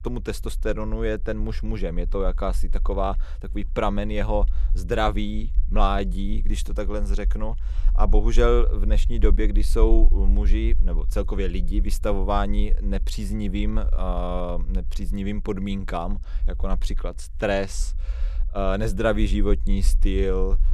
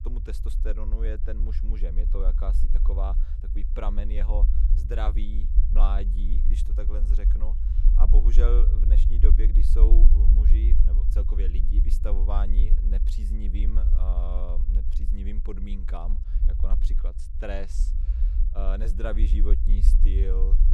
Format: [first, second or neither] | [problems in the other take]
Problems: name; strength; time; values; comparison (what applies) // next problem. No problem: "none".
first | low rumble; loud; throughout; 7 dB below the speech; faint in the first